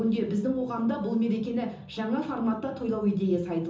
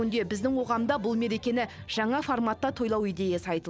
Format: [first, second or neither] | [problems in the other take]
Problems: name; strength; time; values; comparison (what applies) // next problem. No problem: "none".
second | room echo; dies away in 0.6 s